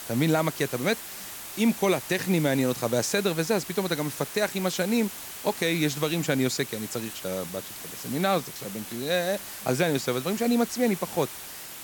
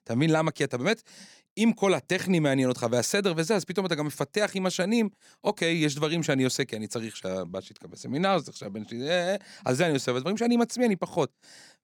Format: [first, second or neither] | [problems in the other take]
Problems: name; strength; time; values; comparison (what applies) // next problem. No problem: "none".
second | hiss; loud; throughout; 10 dB below the speech